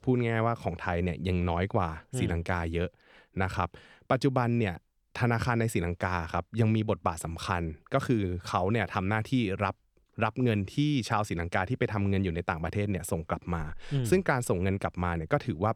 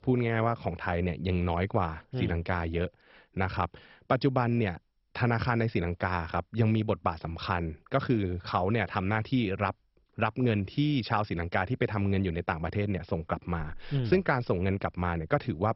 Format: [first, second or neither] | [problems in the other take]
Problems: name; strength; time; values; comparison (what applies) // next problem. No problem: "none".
first | garbled, watery; badly; nothing above 5.5 kHz